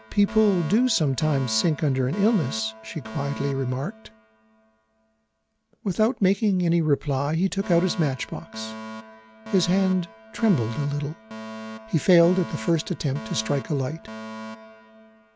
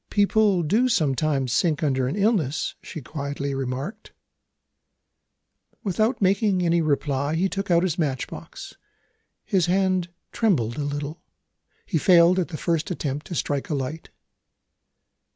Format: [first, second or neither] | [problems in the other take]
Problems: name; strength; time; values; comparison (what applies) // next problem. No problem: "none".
second | background sound (Alarm); 14 dB below the speech